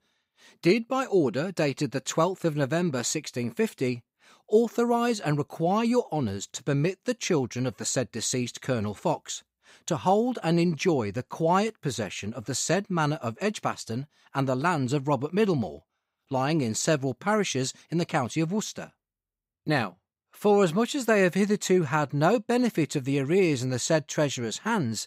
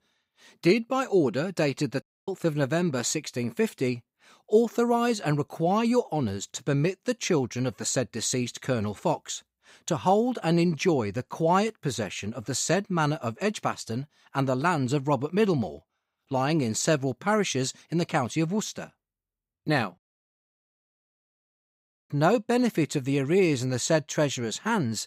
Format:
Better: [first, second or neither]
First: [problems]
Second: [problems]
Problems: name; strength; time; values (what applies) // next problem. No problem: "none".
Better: first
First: none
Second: audio cutting out; at 2 s and at 20 s for 2 s